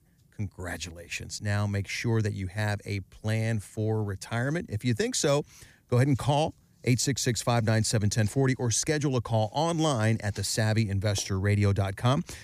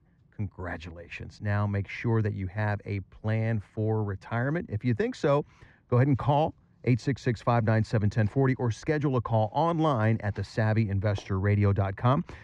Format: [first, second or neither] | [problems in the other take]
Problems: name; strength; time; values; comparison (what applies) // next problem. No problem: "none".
first | muffled; very; fading above 2 kHz